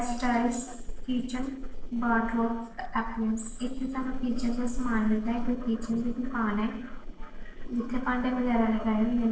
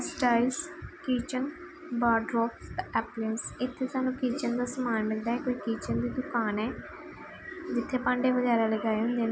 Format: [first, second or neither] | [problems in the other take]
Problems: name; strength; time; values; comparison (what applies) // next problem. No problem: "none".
second | noise reduction (neural separator model SepFormer DNS4)